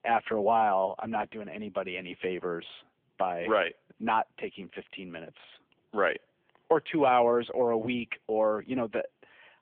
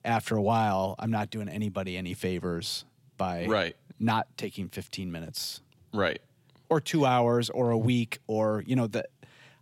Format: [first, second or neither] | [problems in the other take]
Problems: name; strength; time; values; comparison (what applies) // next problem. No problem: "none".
second | phone-call audio